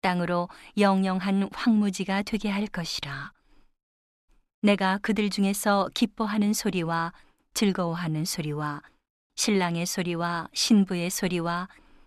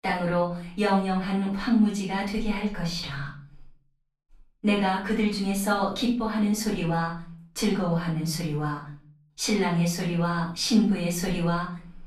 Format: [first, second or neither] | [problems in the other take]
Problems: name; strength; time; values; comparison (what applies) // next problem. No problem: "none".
first | off-mic speech; far // room echo; noticeable; dies away in 0.5 s